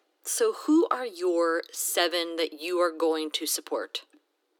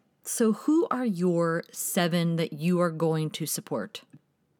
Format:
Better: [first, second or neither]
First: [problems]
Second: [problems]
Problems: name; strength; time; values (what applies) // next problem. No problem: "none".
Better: second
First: thin; very; fading below 300 Hz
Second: none